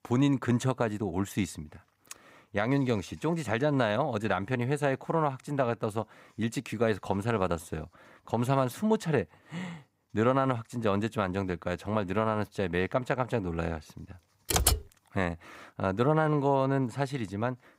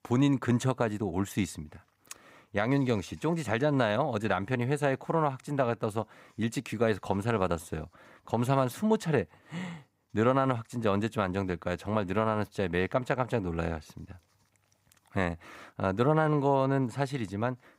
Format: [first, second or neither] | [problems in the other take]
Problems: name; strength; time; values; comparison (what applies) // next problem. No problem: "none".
second | keyboard typing; loud; at 15 s; peak 4 dB above the speech